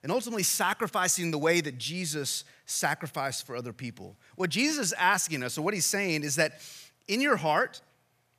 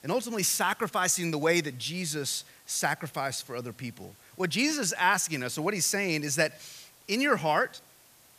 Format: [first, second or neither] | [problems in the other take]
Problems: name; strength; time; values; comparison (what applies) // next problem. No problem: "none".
first | hiss; faint; throughout; 25 dB below the speech